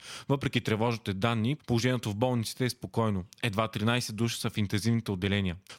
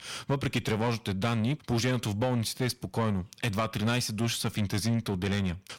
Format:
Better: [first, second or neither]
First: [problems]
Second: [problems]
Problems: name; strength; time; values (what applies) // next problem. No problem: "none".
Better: first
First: none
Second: distortion; slight; 10 dB below the speech